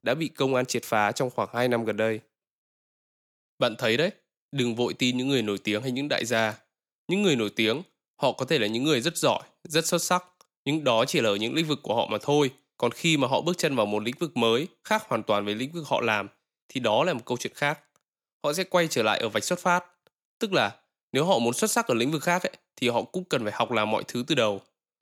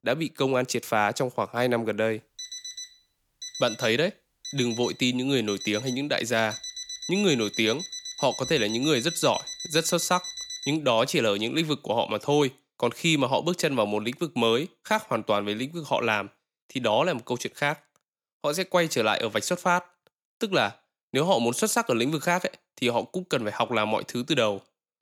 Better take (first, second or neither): first